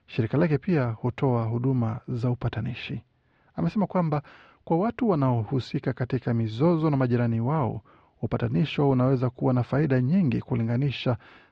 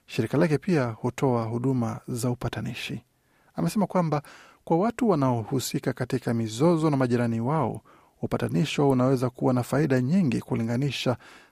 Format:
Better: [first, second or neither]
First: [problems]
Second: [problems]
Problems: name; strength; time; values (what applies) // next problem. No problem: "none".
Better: second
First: muffled; slightly; fading above 4 kHz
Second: none